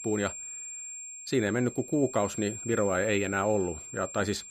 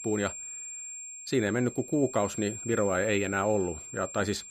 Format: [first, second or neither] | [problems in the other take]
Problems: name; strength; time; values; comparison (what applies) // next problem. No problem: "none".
neither | high-pitched whine; loud; throughout; 7.5 kHz, 10 dB below the speech; the same in both